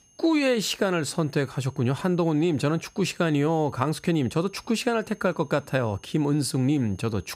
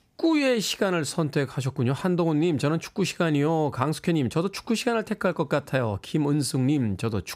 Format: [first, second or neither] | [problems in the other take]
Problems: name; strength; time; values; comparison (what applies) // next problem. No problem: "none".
second | high-pitched whine; faint; throughout; 6.5 kHz, 30 dB below the speech